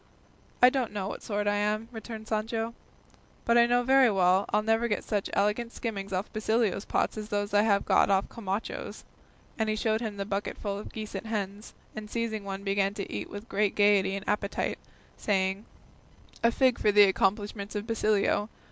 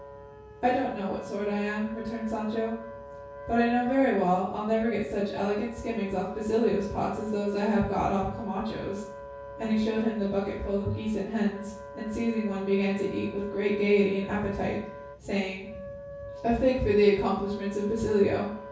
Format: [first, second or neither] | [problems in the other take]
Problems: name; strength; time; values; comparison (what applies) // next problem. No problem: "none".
first | background sound (Wind instrument, woodwind instrument); 14 dB below the speech // room echo; dies away in 0.6 s